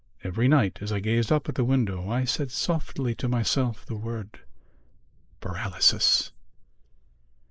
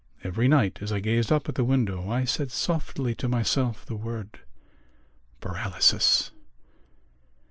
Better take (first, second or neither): second